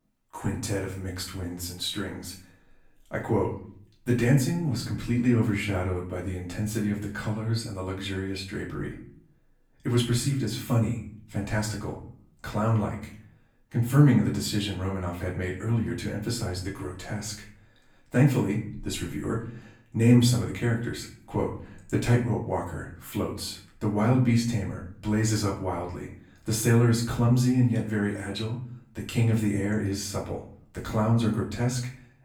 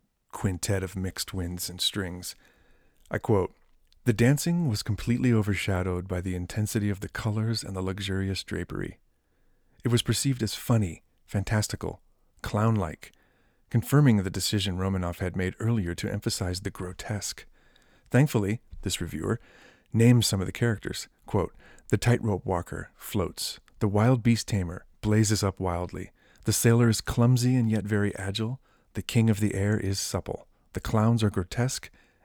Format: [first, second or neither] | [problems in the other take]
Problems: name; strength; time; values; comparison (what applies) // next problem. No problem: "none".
second | off-mic speech; far // room echo; slight; dies away in 0.5 s